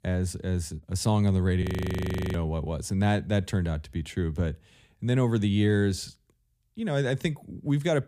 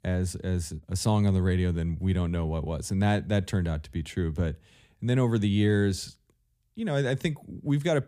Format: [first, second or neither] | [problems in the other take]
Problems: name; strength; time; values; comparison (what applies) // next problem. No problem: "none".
second | audio freezing; at 1.5 s for 0.5 s